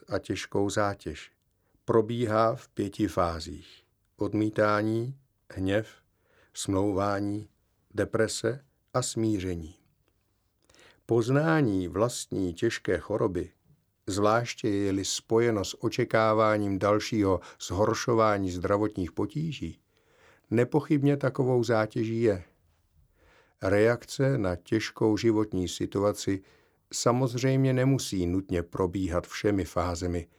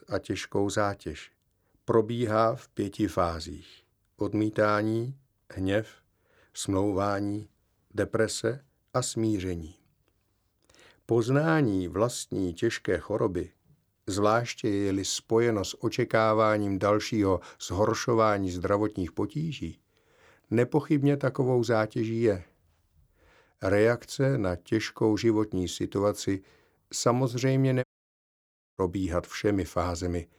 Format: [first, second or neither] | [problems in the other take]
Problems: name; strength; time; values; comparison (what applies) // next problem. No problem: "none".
first | audio cutting out; at 28 s for 1 s